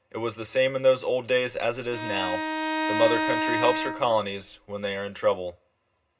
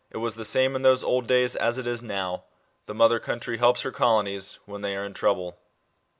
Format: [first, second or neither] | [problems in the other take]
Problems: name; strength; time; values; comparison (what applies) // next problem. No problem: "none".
second | background sound (Bowed string instrument); 3 dB below the speech // room echo; dies away in 0.2 s